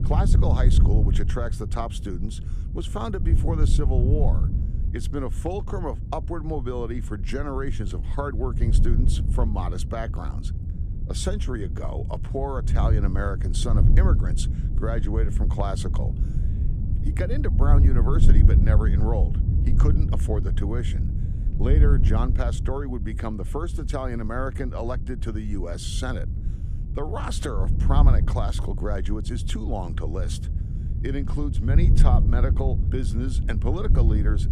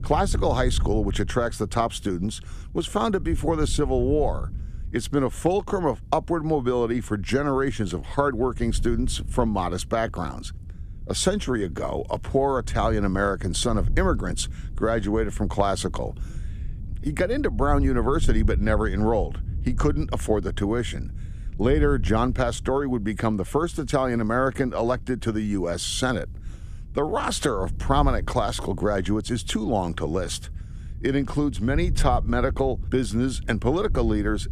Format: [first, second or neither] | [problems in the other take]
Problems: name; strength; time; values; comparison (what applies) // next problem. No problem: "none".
second | wind noise on the microphone; heavy; 7 dB below the speech; occasional gusts in the second